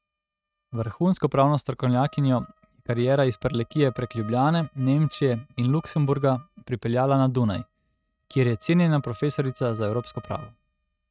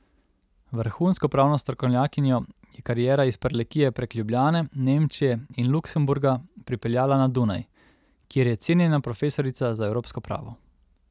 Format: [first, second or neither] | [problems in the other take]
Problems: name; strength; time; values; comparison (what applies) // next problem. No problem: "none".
second | noise reduction (neural mask model RNNoise)